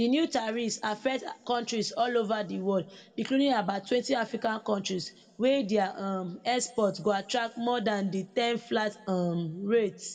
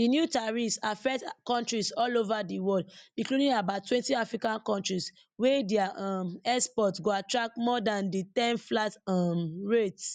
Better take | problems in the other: second | room echo; dies away in 1.8 s

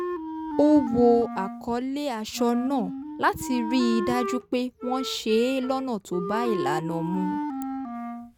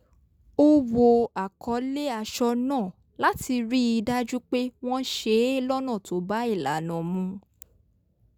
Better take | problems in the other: second | background sound (Wind instrument, woodwind instrument); 7 dB below the speech

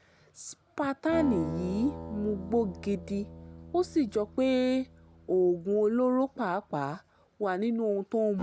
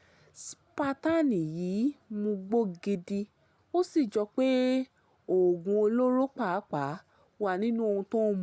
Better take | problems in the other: second | background sound (Acoustic guitar); 14 dB below the speech

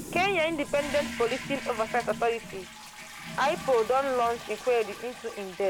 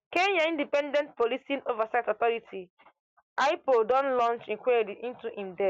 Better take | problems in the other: second | background sound (Toilet flush); 11 dB below the speech

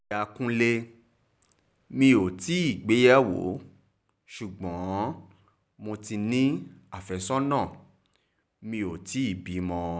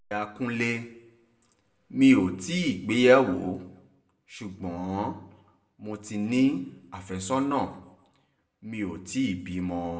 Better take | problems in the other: first | room echo; dies away in 0.6 s

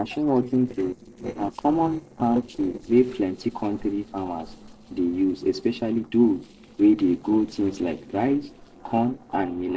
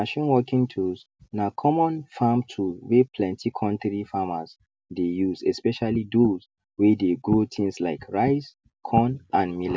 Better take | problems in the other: second | noise reduction (neural separator model SepFormer DNS4)

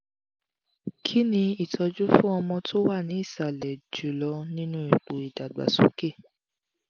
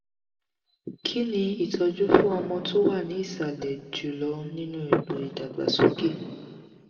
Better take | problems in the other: first | room echo; dies away in 1.7 s

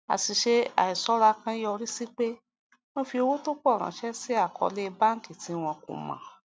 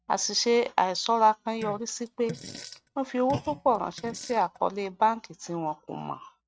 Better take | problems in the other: first | noise reduction (neural mask model RNNoise)

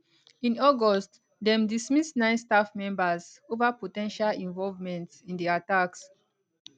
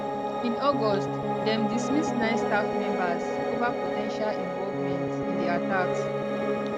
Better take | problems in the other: first | background sound (Piano); 3 dB above the speech

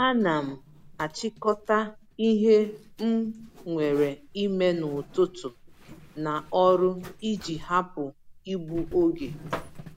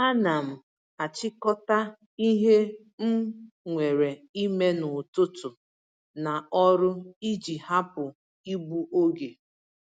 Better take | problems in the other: second | background sound (Zipper (clothing)); 17 dB below the speech

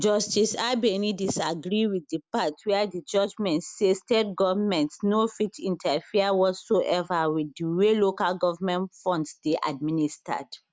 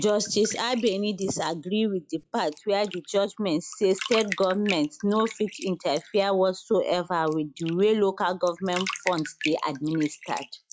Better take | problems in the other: first | noise reduction (classical method log-MMSE)

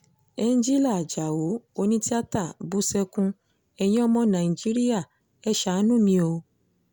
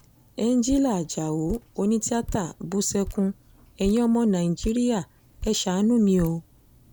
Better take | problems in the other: first | background sound (Drip); 16 dB below the speech

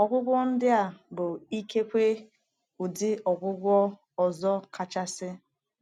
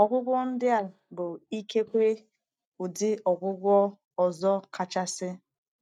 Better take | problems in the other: first | noise reduction (neural mask model DeepFilterNet 3)

